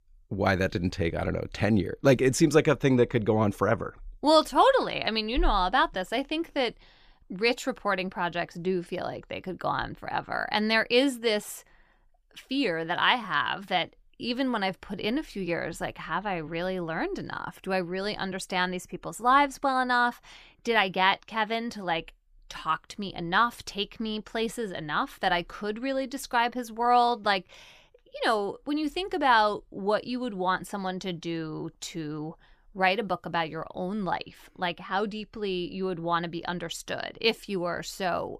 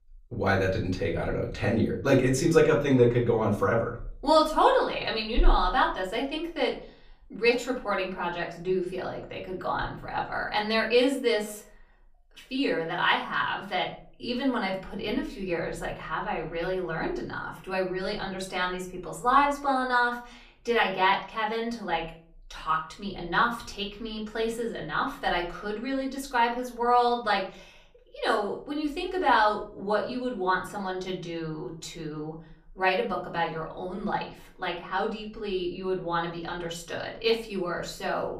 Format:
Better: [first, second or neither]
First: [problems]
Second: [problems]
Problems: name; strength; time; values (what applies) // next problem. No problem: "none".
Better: first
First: none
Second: off-mic speech; far // room echo; slight; dies away in 0.4 s